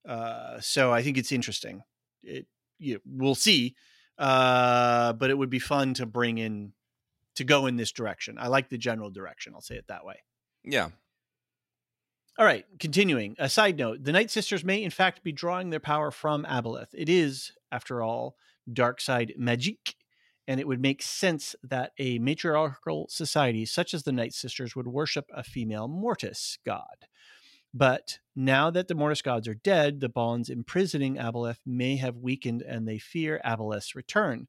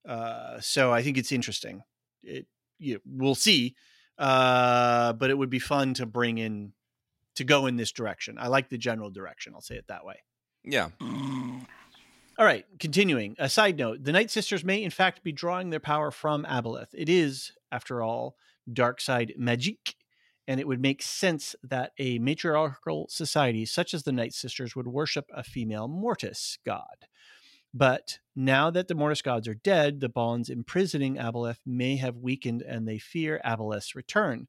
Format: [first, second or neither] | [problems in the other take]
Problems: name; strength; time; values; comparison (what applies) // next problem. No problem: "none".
first | dog barking; noticeable; at 11 s; peak 6 dB below the speech